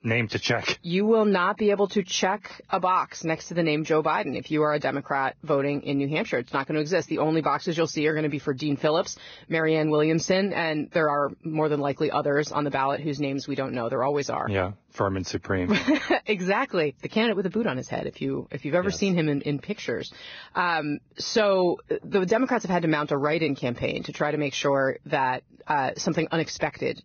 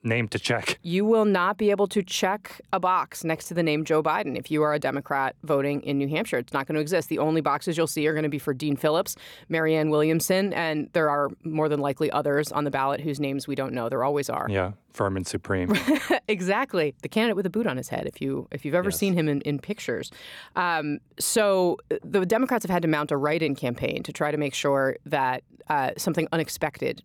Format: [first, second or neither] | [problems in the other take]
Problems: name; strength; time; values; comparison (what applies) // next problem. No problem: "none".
second | garbled, watery; badly; nothing above 6.5 kHz